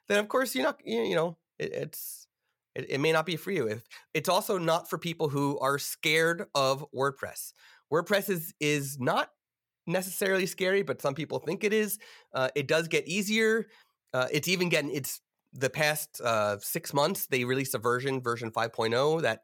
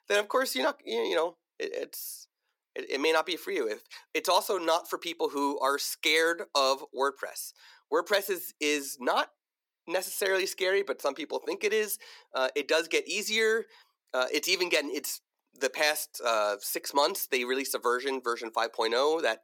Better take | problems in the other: first | thin; somewhat; fading below 250 Hz

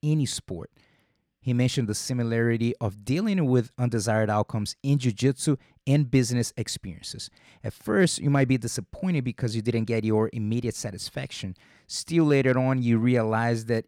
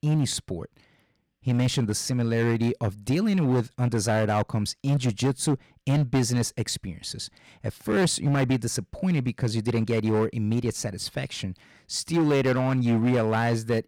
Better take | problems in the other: first | distortion; slight; 9% of the sound clipped

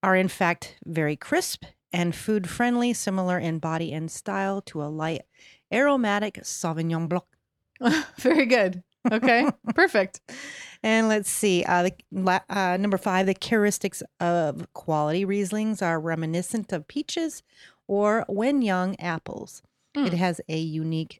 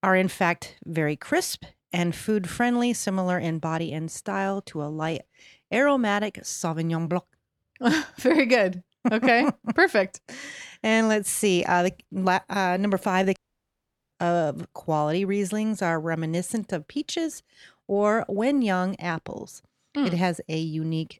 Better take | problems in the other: first | audio cutting out; at 13 s for 1 s

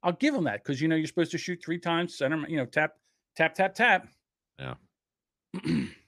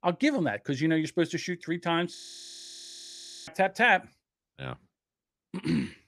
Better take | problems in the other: first | audio freezing; at 2 s for 1.5 s

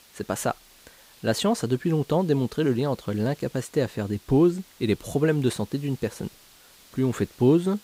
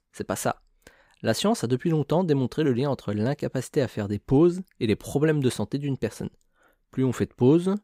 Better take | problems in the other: second | hiss; faint; throughout; 25 dB below the speech

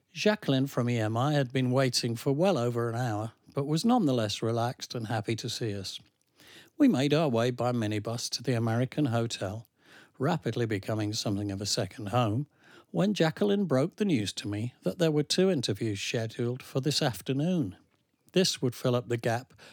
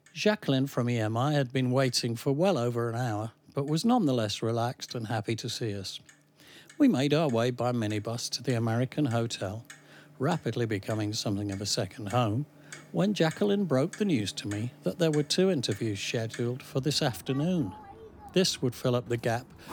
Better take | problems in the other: first | household noises; faint; throughout; 20 dB below the speech

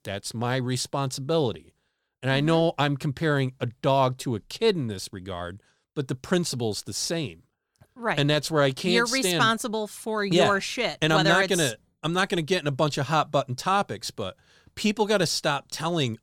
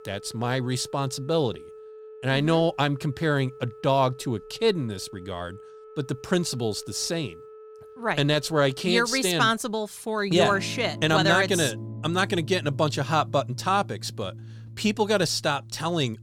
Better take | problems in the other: first | background music; noticeable; throughout; 15 dB below the speech

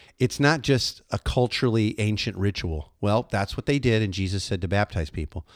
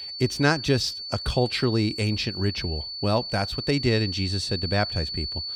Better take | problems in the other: first | high-pitched whine; loud; throughout; 4.5 kHz, 5 dB below the speech

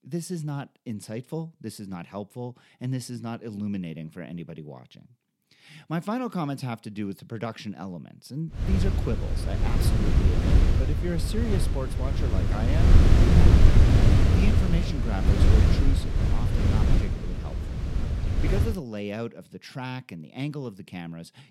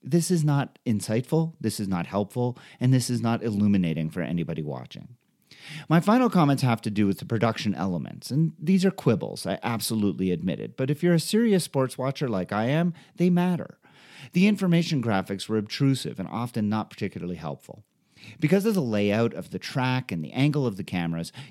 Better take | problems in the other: second | wind noise on the microphone; heavy; from 8.5 to 19 s; 3 dB above the speech

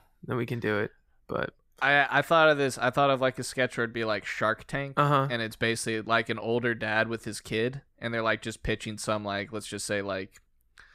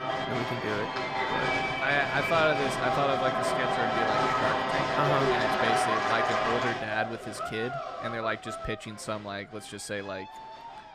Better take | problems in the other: first | crowd noise; very loud; throughout; 3 dB above the speech

